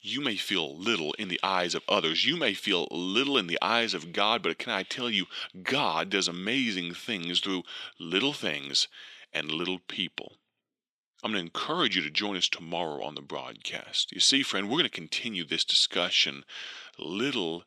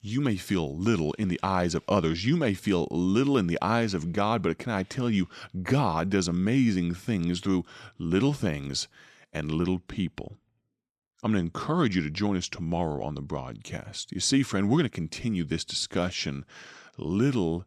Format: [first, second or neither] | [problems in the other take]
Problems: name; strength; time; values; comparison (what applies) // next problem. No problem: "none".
second | thin; somewhat; fading below 300 Hz